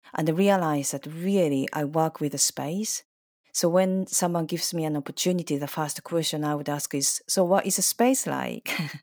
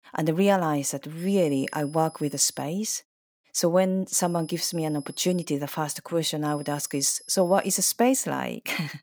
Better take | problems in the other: first | high-pitched whine; faint; from 1 to 2.5 s, from 4 to 5.5 s and from 6.5 to 8 s; 11 kHz, 20 dB below the speech

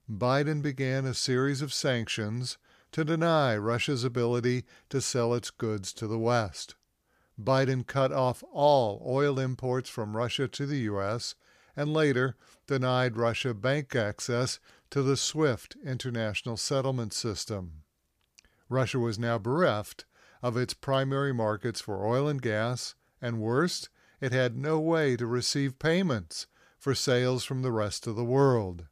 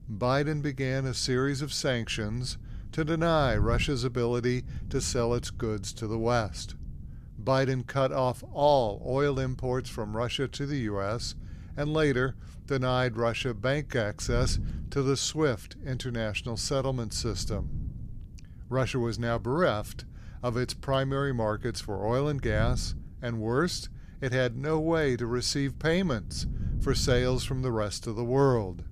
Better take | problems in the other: first | wind noise on the microphone; occasional gusts; 25 dB below the speech

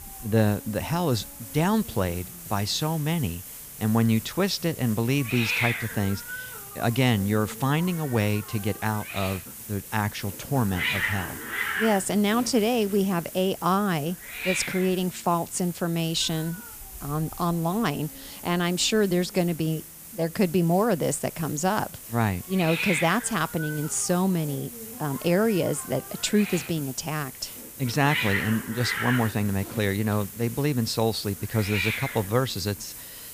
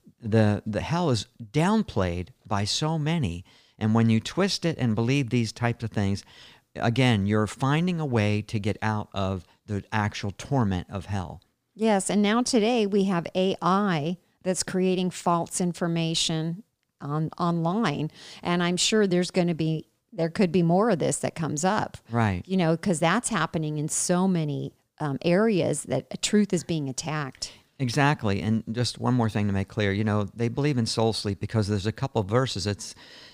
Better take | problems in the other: second | hiss; loud; throughout; 8 dB below the speech

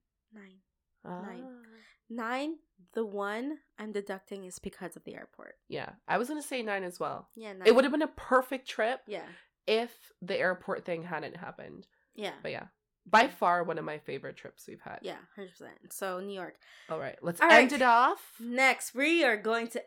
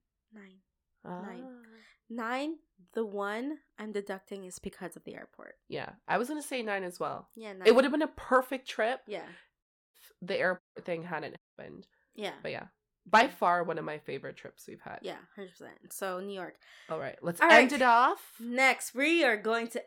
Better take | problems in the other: first | audio cutting out; at 9.5 s and at 11 s

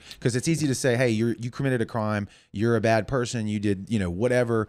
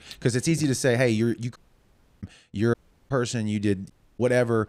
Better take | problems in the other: first | audio cutting out; at 1.5 s for 0.5 s, at 2.5 s and at 4 s

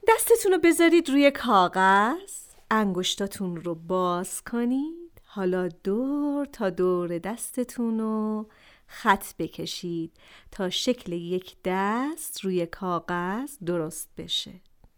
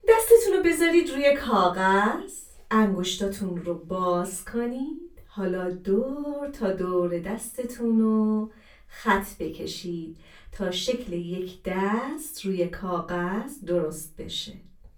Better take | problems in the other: first | off-mic speech; far // room echo; very slight; dies away in 0.3 s

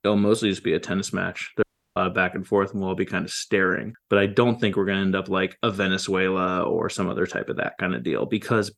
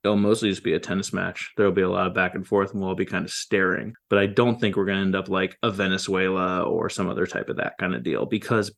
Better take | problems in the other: second | audio cutting out; at 1.5 s

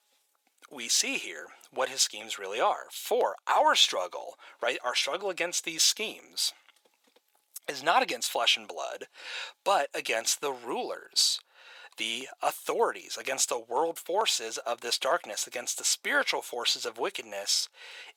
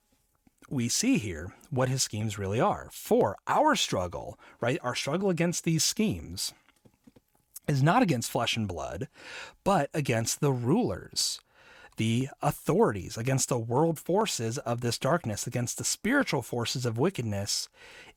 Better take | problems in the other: second | thin; very; fading below 500 Hz

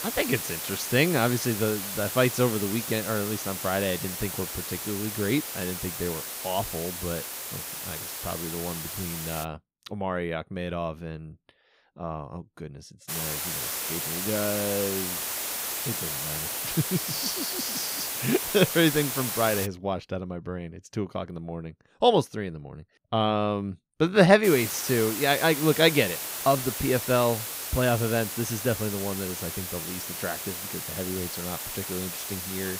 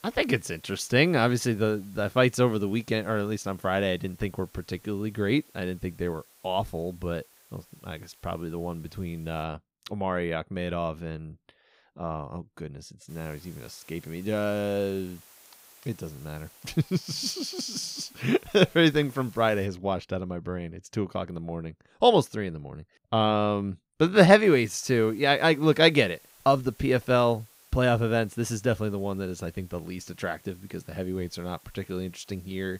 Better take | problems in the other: second | hiss; loud; until 9.5 s, from 13 to 20 s and from 24 s on; 3 dB below the speech; faint in the second

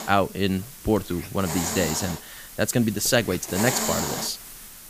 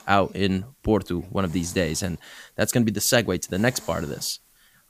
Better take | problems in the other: second | hiss; loud; throughout; 5 dB below the speech; faint in the second

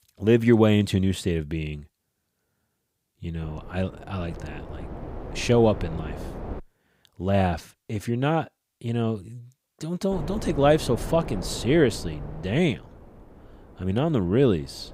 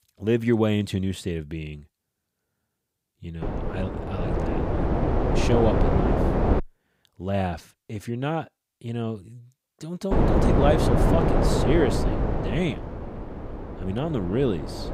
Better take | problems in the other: first | wind noise on the microphone; heavy; from 3.5 to 6.5 s and from 10 s on; 2 dB above the speech; occasional gusts in the first

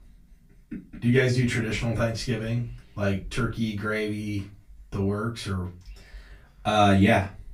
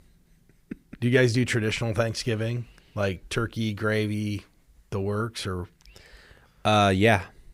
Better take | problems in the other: second | off-mic speech; far // room echo; very slight; dies away in 0.2 s

